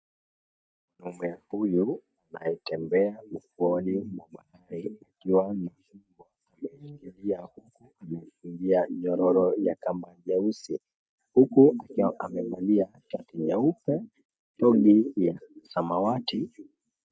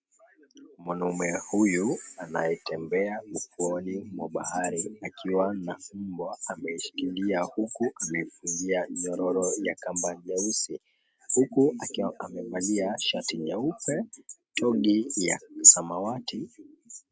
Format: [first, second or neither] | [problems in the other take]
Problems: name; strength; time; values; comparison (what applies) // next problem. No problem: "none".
second | noise reduction (neural mask model DeepFilterNet 3)